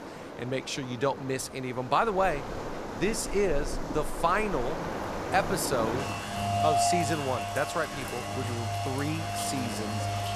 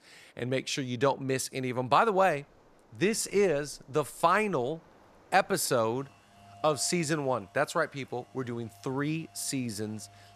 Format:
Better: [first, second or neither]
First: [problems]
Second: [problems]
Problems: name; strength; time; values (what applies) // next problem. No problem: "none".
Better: second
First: rain or running water; loud; throughout; 2 dB below the speech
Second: rain or running water; faint; throughout; 30 dB below the speech